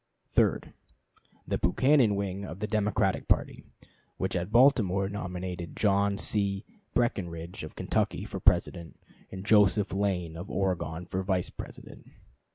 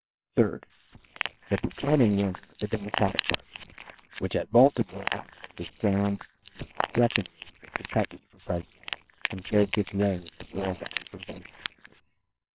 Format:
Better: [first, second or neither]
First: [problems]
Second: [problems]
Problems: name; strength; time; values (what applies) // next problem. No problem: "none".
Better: first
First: none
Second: noise reduction (neural separator model SepFormer WHAMR!)